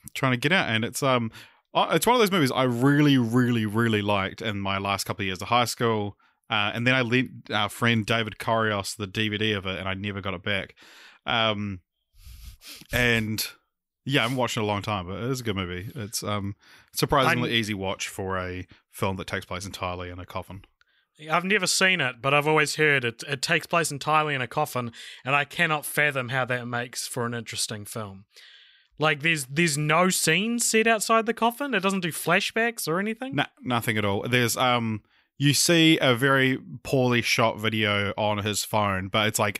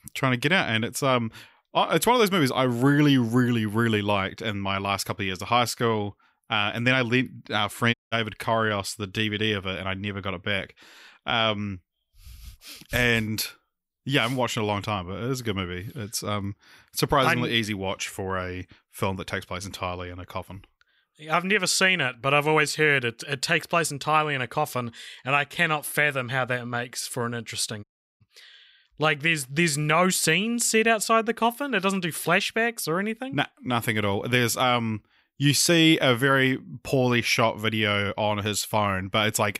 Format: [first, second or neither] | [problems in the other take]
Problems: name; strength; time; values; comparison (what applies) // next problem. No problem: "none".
first | audio cutting out; at 8 s and at 28 s